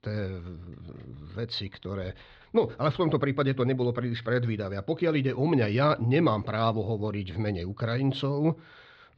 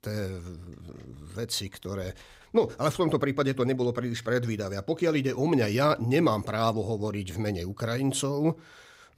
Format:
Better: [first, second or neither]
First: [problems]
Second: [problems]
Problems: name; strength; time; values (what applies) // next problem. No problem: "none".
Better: second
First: muffled; very slightly; fading above 4 kHz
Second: none